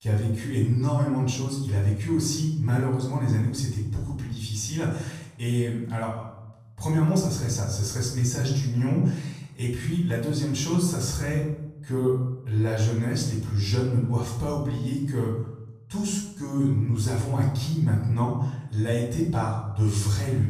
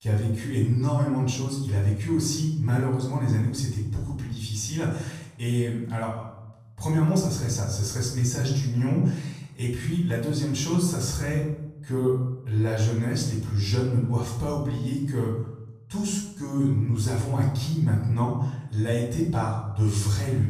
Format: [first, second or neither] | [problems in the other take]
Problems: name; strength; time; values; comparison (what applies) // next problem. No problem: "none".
neither | off-mic speech; far; the same in both // room echo; noticeable; dies away in 0.7 s; the same in both